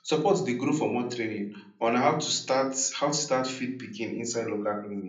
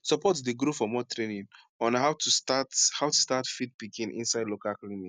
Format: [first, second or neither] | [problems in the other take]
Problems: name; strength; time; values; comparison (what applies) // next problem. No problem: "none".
second | room echo; dies away in 0.6 s